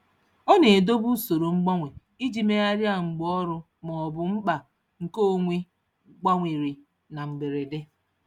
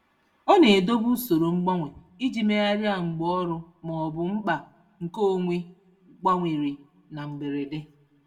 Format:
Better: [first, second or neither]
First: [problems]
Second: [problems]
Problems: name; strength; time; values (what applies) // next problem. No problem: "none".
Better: first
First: none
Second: room echo; dies away in 0.3 s